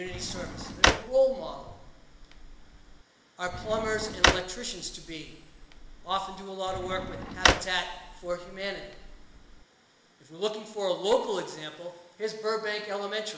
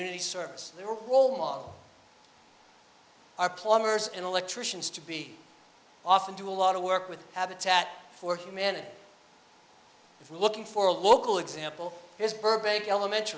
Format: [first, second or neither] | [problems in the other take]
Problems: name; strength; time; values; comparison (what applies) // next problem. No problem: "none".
second | background sound (Drawer open or close); 1 dB above the speech // room echo; dies away in 1 s